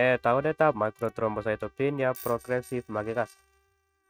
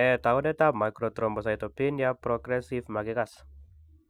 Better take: second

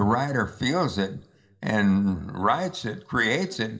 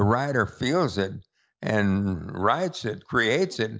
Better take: second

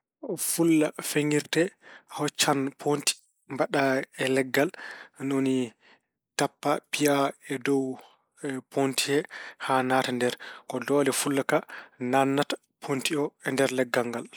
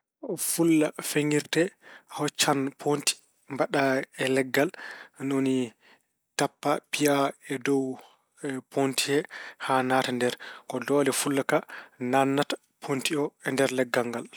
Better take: second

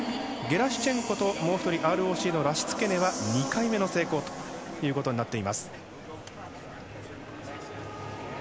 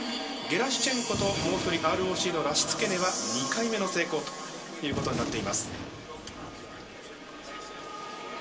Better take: first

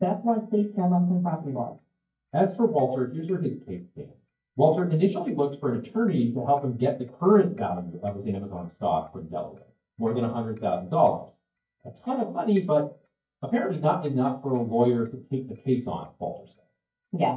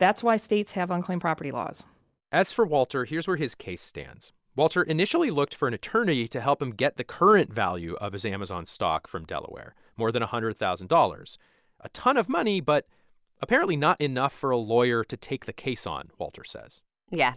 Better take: second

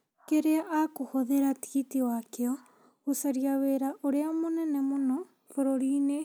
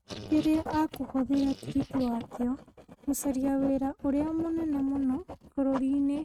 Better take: first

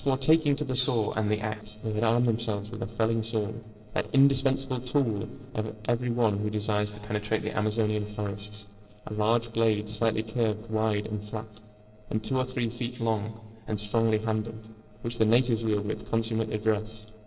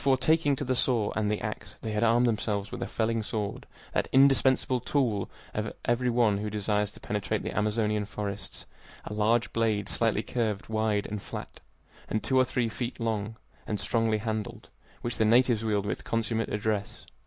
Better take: second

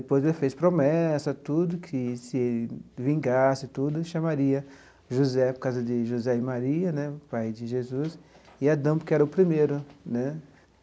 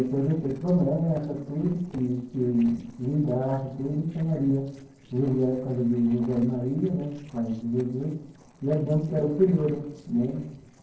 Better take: first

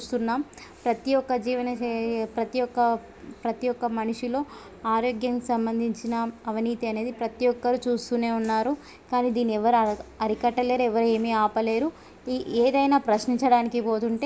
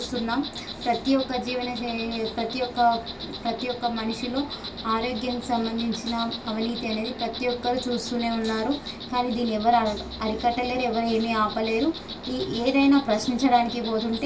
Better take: first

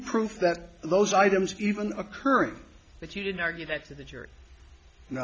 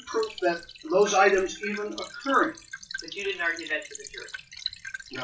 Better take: first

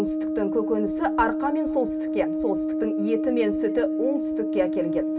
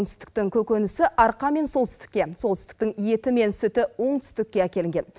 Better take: second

